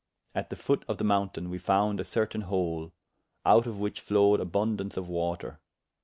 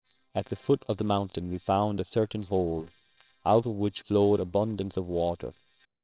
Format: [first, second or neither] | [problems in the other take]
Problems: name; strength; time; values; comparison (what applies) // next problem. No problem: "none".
first | noise reduction (neural separator model SepFormer WHAMR!)